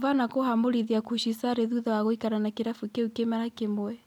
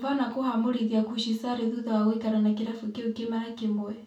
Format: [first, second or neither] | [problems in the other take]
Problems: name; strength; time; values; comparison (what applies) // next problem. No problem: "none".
first | room echo; dies away in 0.3 s